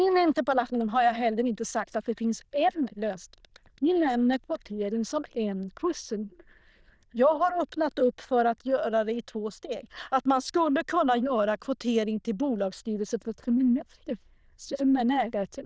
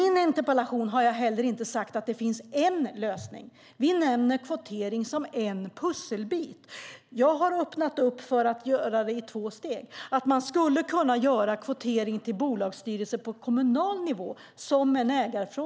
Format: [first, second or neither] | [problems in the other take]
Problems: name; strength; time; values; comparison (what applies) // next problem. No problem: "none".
second | noise reduction (neural diffusion model UNIVERSE++)